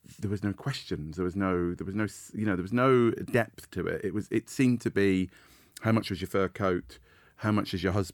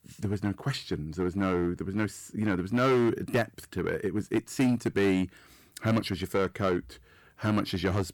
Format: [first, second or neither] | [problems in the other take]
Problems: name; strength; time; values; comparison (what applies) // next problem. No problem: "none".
first | distortion; slight; 5% of the sound clipped